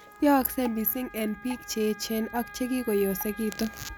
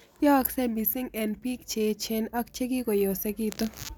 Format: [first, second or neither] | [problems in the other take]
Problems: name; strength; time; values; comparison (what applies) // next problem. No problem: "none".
second | background sound (Drip + Wind instrument, woodwind instrument); 16 dB below the speech